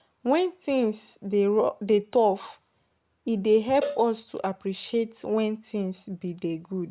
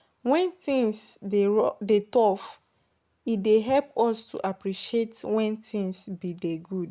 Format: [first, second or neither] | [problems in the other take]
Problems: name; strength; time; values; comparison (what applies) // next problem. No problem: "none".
second | background sound (Cowbell); 13 dB below the speech